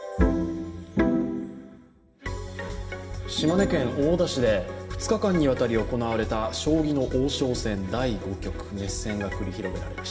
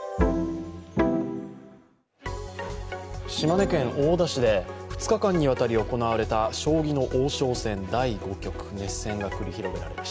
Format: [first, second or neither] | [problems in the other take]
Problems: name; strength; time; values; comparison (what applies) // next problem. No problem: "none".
second | room echo; dies away in 1.3 s